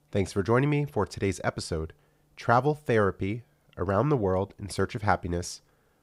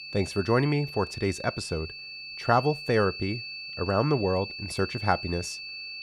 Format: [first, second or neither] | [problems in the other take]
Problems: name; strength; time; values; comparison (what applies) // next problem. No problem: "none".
first | high-pitched whine; loud; throughout; 2.5 kHz, 9 dB below the speech